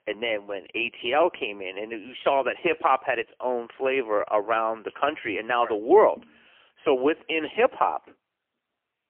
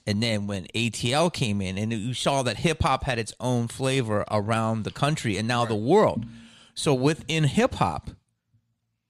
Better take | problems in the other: second | phone-call audio; poor line; nothing above 3 kHz

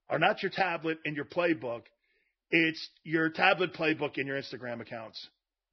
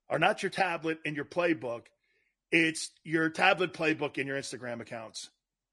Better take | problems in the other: second | garbled, watery; badly; nothing above 5.5 kHz; slightly in the second

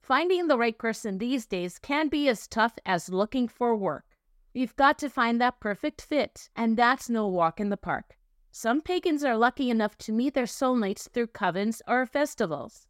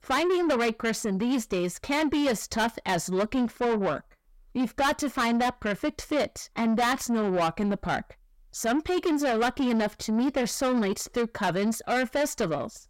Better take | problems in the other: first | distortion; heavy; 7 dB below the speech

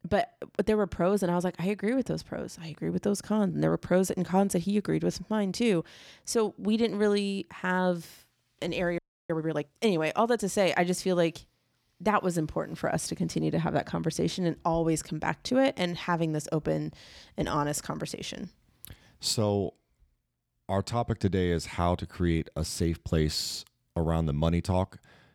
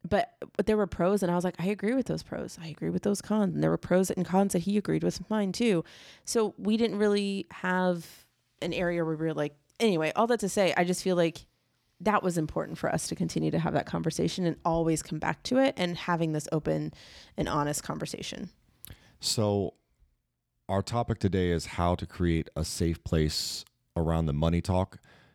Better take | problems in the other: second | audio freezing; at 9 s

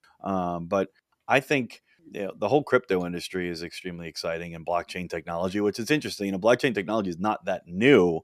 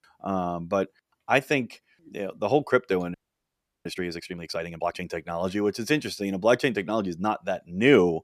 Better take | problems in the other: first | audio freezing; at 3 s for 0.5 s

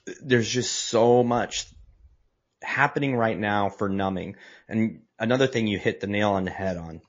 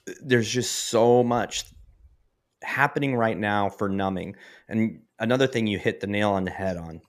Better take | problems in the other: second | garbled, watery; slightly

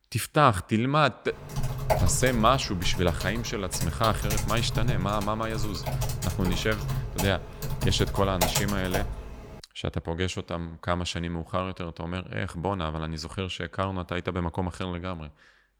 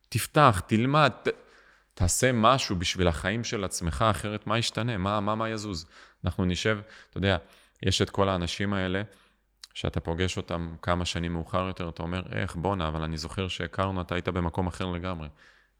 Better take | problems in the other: second | keyboard typing; loud; from 1.5 to 9.5 s; peak 2 dB above the speech

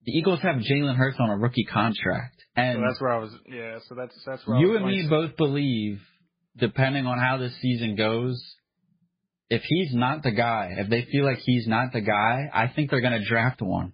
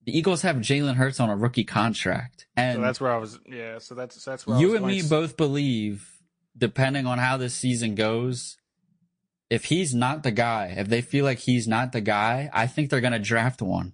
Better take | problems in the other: second | garbled, watery; badly; nothing above 5 kHz; slightly in the second

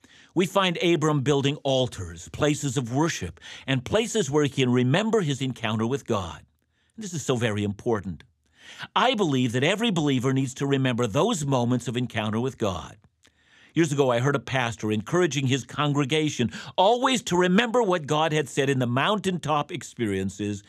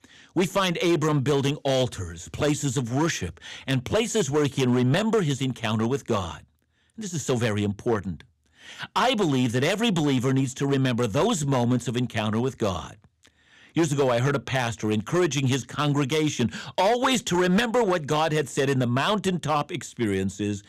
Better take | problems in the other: first | distortion; slight; 6% of the sound clipped

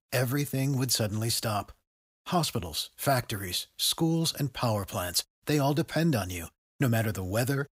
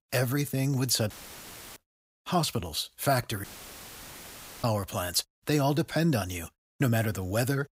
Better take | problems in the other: first | audio cutting out; filled with static; at 1 s for 0.5 s and at 3.5 s for 1 s

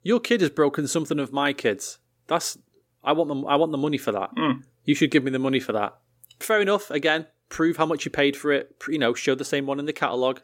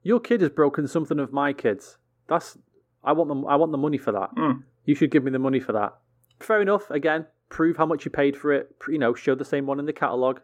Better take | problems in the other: first | muffled; very; fading above 2 kHz

